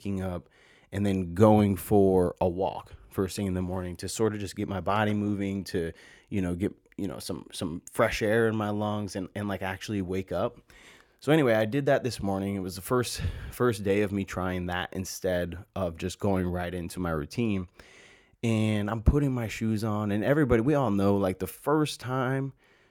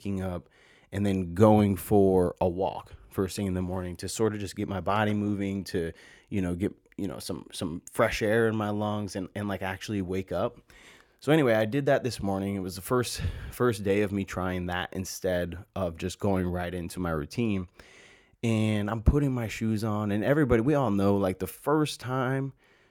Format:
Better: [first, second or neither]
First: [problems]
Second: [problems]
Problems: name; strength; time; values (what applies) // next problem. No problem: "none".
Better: neither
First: none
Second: none